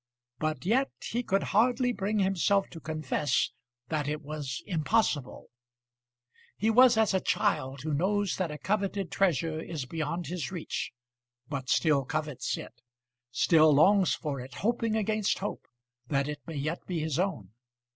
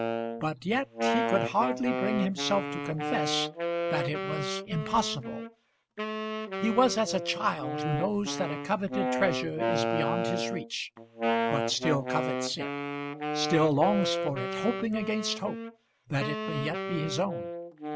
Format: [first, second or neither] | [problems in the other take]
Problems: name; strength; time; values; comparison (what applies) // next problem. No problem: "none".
first | background sound (Wind instrument, woodwind instrument); 1 dB below the speech